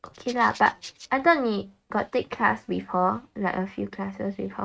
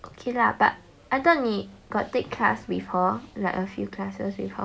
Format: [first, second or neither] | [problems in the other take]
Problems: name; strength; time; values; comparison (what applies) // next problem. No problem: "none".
second | noise reduction (neural mask model RNNoise)